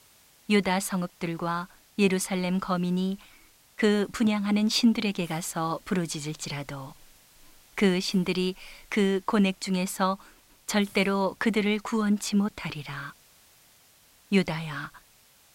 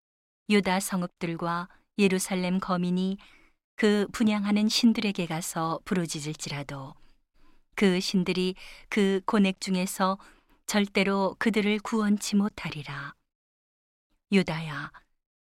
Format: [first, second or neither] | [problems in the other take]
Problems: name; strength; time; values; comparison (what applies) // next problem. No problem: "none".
second | hiss; faint; throughout; 30 dB below the speech